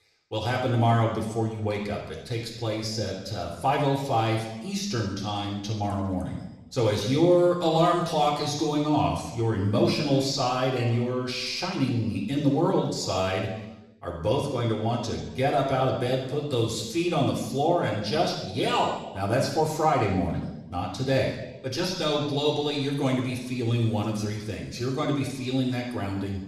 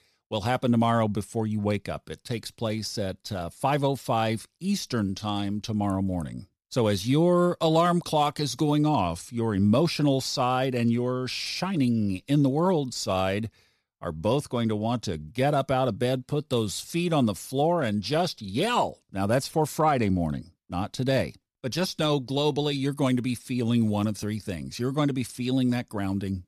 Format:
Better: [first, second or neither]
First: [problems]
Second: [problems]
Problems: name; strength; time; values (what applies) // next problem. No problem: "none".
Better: second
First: room echo; noticeable; dies away in 0.9 s // off-mic speech; somewhat distant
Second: none